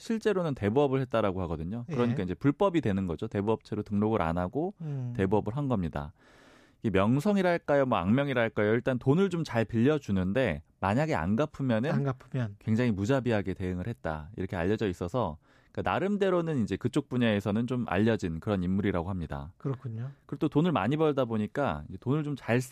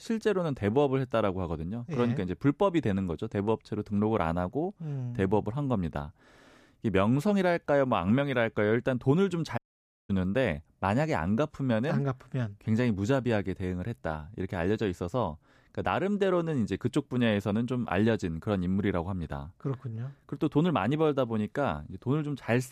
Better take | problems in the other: first | audio cutting out; at 9.5 s for 0.5 s

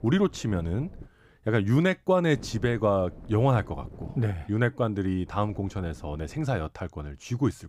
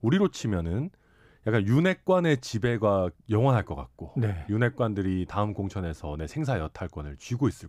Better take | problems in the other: second | wind noise on the microphone; occasional gusts; until 1 s, from 2.5 to 4.5 s and from 5.5 to 6.5 s; 25 dB below the speech

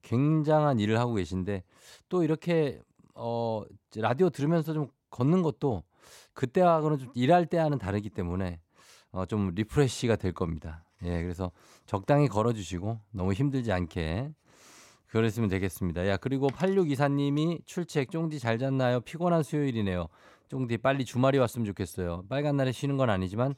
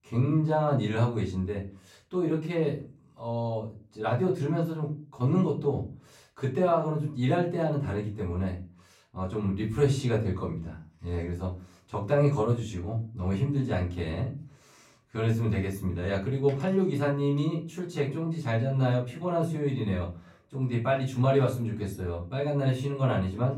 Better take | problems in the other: first | off-mic speech; far // room echo; slight; dies away in 0.4 s

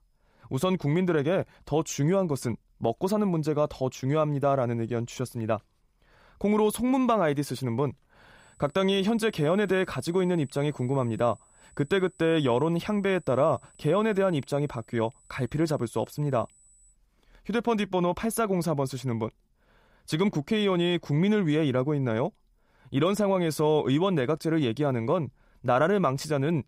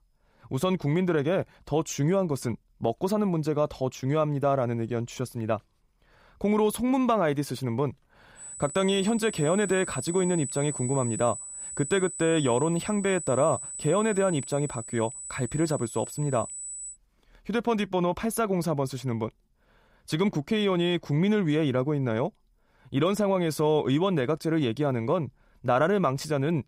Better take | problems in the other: first | high-pitched whine; loud; from 8.5 to 17 s; 8 kHz, 9 dB below the speech; faint in the first

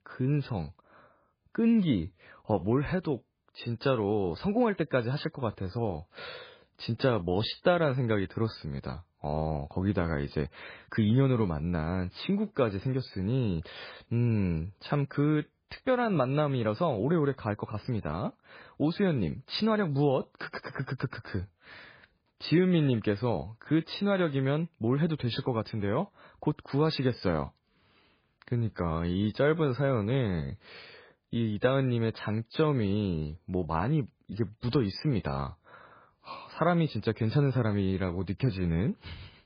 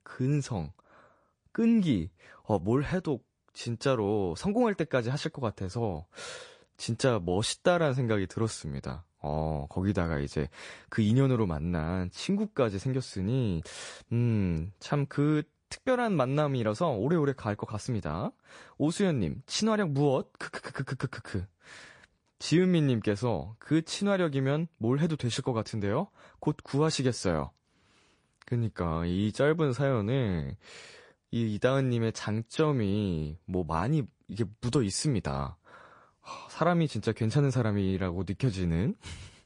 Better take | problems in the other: second | garbled, watery; badly; slightly in the second

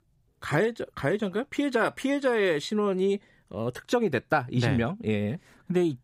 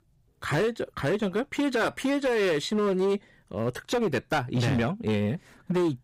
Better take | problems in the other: first | distortion; slight; 13% of the sound clipped

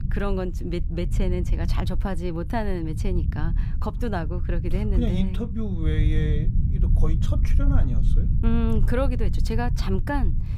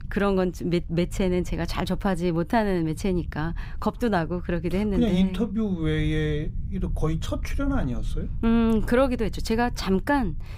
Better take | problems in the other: second | low rumble; loud; throughout; 9 dB below the speech; faint in the second

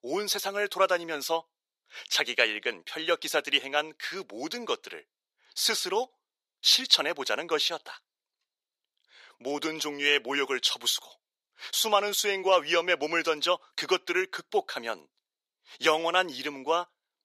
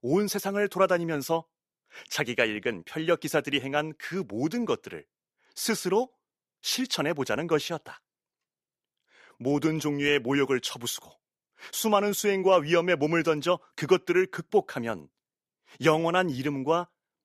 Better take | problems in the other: second | thin; somewhat; fading below 500 Hz

